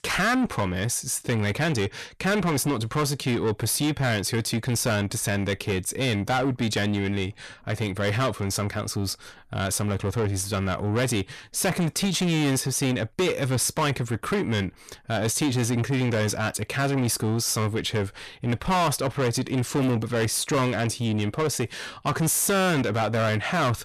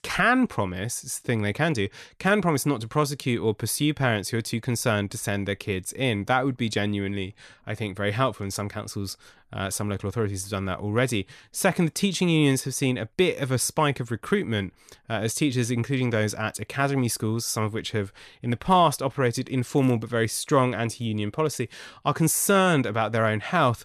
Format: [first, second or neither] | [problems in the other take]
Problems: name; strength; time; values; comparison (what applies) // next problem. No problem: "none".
second | distortion; heavy; 7 dB below the speech